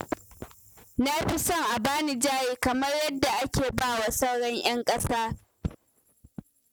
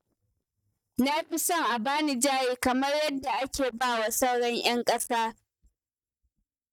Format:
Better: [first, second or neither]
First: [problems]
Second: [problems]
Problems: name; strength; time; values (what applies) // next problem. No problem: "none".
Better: first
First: none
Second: noise reduction (neural mask model DeepFilterNet 3)